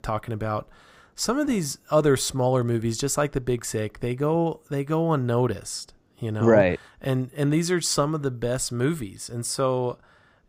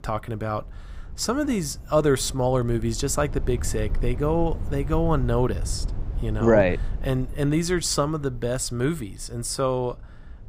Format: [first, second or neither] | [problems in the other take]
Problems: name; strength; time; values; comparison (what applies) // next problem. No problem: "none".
first | low rumble; faint; throughout; 20 dB below the speech